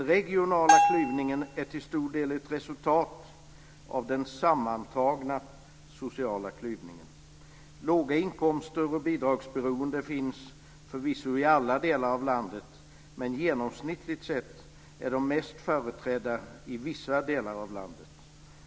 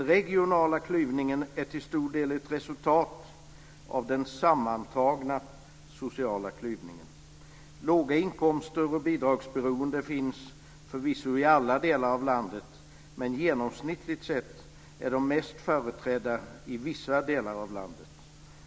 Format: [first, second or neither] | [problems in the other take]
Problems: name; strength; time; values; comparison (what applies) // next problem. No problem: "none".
second | background sound (Bell); 4 dB above the speech